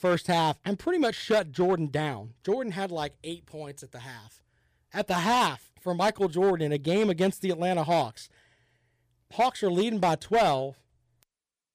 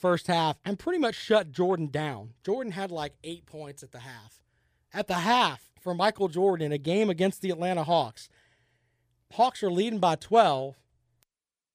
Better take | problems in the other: second | distortion; slight; 4% of the sound clipped

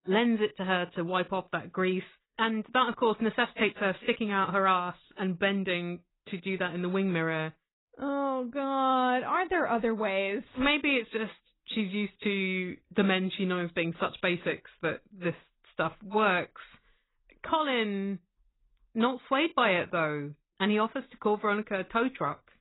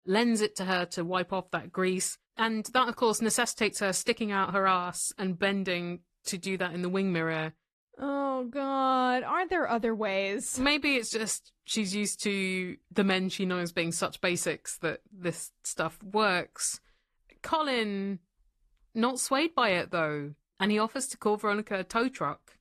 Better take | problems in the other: second | garbled, watery; badly; nothing above 4 kHz; slightly in the second

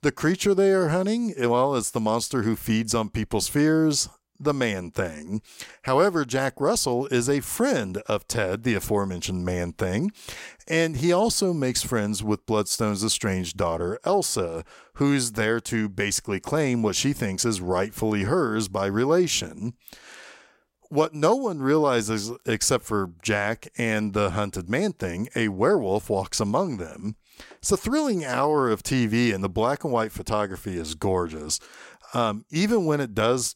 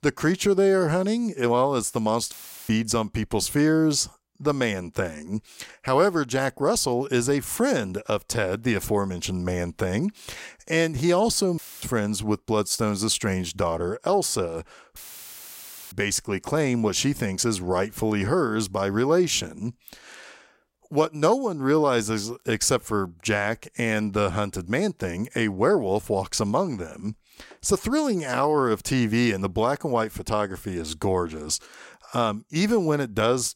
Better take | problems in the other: first | audio cutting out; filled with static; at 2.5 s, at 12 s and at 15 s for 1 s

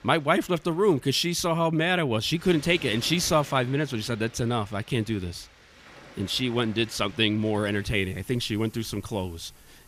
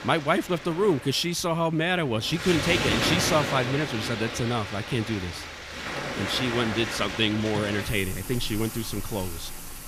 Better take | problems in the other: first | rain or running water; loud; throughout; 5 dB below the speech; faint in the first

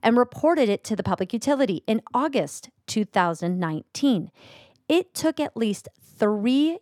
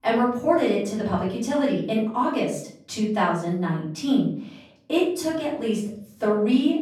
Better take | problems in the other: first | off-mic speech; far // room echo; noticeable; dies away in 0.5 s

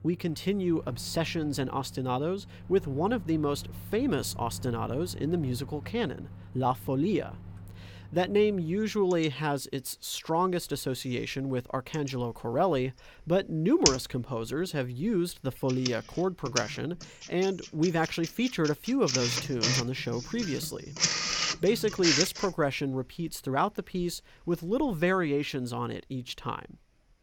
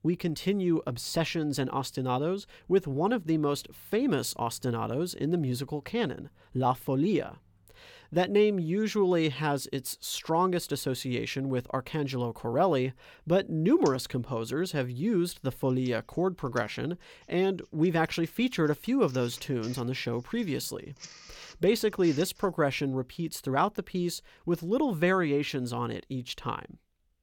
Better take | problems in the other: second | household noises; loud; throughout; 3 dB below the speech; faint in the second

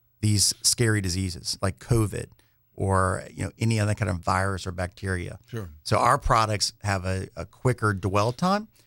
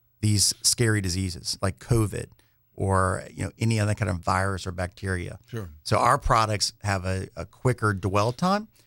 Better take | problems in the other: neither | none

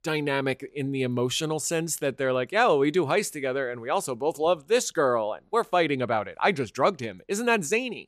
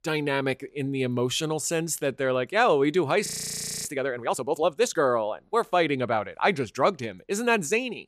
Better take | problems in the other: first | audio freezing; at 3.5 s for 0.5 s

